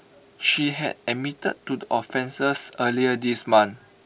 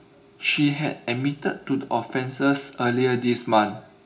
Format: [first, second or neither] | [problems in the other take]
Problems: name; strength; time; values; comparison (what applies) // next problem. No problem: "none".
first | room echo; dies away in 0.4 s